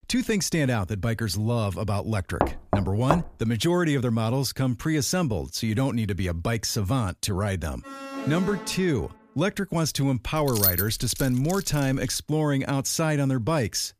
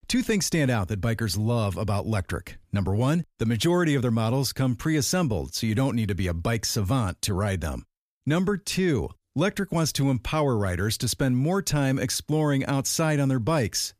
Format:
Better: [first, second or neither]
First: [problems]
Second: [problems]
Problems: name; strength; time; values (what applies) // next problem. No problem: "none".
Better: second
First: door banging; noticeable; at 2.5 s; peak 1 dB below the speech // alarm; noticeable; from 8 to 9 s; peak 7 dB below the speech // jangling keys; loud; from 10 to 12 s; peak 4 dB above the speech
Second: none